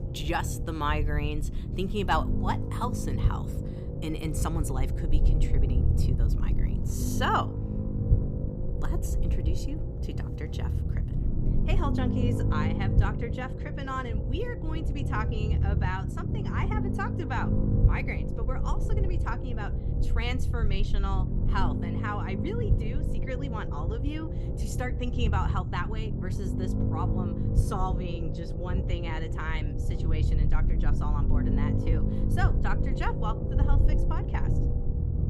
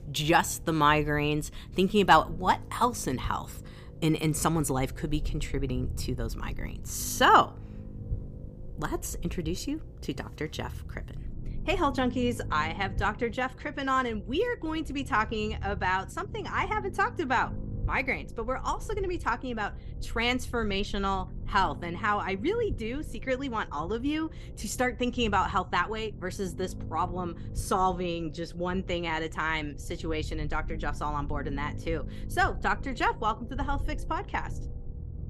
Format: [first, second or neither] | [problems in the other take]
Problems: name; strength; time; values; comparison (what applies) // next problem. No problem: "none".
second | low rumble; loud; throughout; 5 dB below the speech; faint in the second